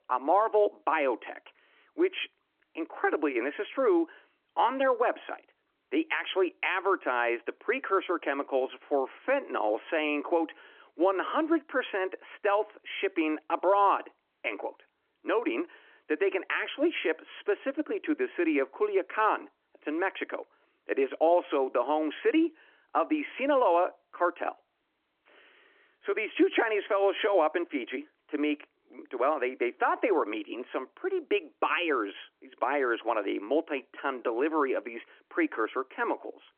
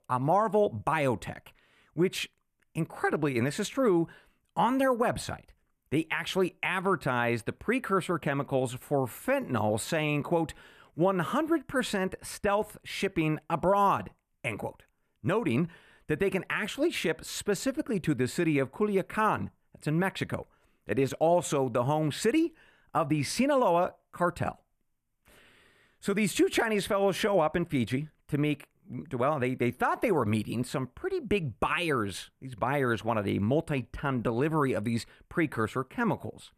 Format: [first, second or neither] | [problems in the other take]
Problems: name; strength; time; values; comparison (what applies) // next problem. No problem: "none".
second | phone-call audio; nothing above 3.5 kHz